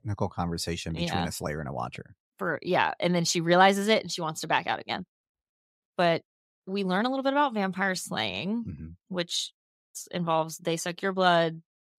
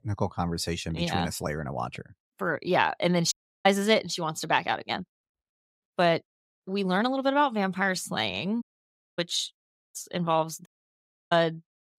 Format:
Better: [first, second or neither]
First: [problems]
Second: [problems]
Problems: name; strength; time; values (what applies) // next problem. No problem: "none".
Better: first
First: none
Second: audio cutting out; at 3.5 s, at 8.5 s for 0.5 s and at 11 s for 0.5 s